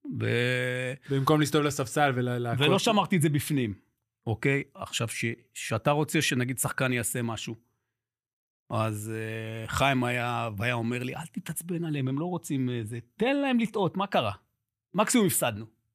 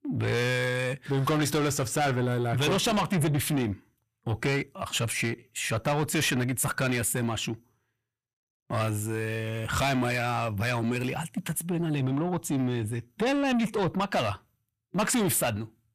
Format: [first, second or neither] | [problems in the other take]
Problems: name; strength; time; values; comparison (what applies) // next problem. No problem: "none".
first | distortion; heavy; 7 dB below the speech